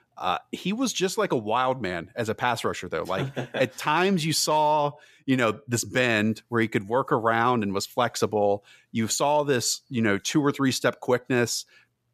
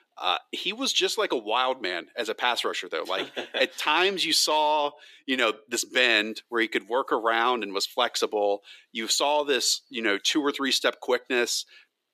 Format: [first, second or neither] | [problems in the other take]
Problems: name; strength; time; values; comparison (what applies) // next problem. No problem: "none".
first | thin; somewhat; fading below 300 Hz